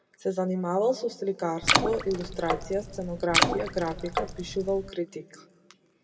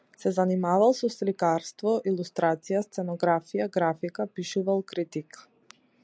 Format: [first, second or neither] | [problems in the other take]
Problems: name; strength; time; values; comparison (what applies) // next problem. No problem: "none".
second | background sound (Water / Splash, splatter); 1 dB above the speech // room echo; dies away in 1.2 s